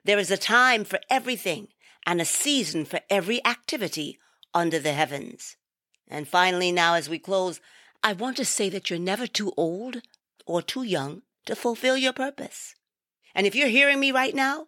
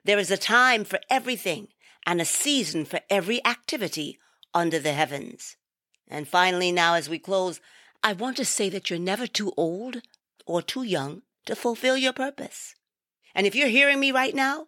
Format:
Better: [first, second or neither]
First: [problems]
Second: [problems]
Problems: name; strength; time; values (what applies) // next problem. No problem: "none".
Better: neither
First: thin; very slightly; fading below 350 Hz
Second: thin; very slightly; fading below 350 Hz